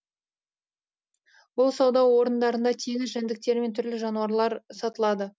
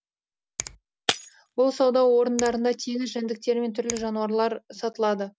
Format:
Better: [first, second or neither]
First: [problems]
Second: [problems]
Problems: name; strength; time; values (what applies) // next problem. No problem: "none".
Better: first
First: none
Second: background sound (Shatter + Finger snapping); 12 dB below the speech